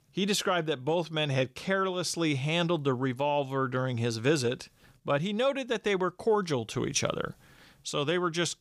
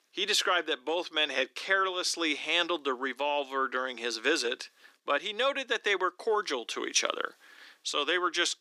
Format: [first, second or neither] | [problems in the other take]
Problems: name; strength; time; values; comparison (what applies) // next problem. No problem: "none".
first | thin; somewhat; fading below 300 Hz